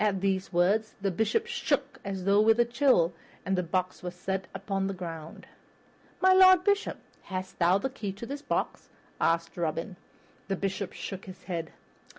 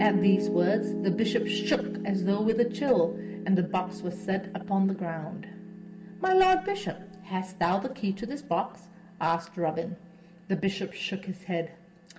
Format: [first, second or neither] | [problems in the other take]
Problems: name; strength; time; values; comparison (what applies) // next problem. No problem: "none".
first | background sound (Piano); 7 dB below the speech // room echo; dies away in 1.2 s